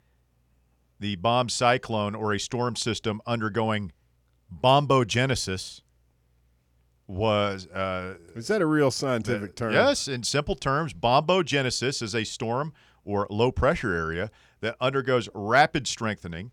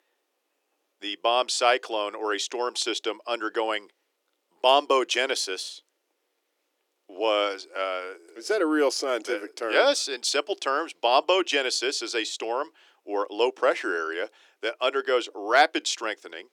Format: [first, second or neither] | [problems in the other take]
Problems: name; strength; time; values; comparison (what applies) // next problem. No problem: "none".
first | thin; very; fading below 300 Hz